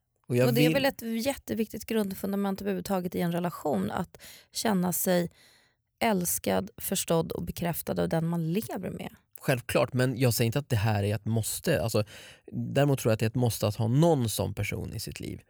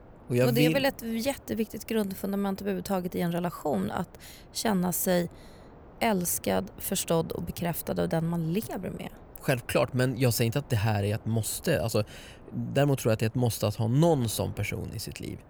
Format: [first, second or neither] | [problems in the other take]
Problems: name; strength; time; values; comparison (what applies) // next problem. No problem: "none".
first | wind noise on the microphone; occasional gusts; 25 dB below the speech